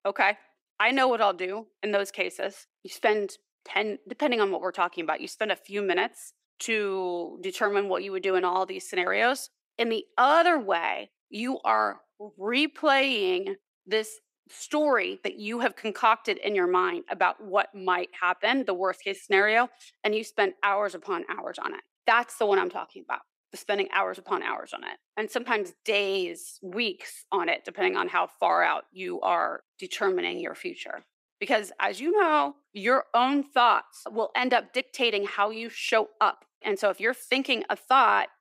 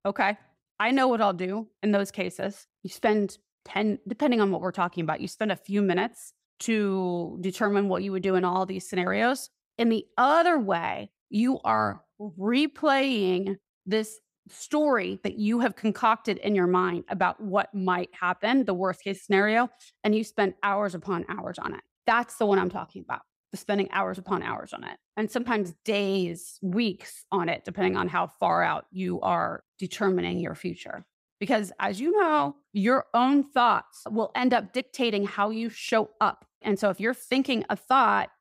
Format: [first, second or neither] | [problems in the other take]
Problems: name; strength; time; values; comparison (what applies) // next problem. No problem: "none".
second | thin; somewhat; fading below 300 Hz